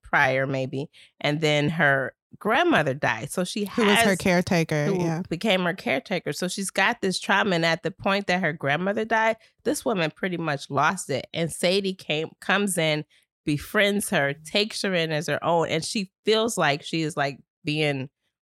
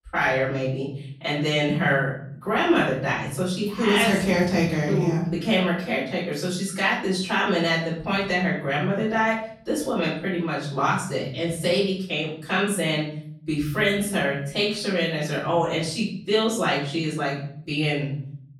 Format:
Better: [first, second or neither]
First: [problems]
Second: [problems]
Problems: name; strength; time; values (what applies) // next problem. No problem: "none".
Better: first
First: none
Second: off-mic speech; far // room echo; noticeable; dies away in 0.8 s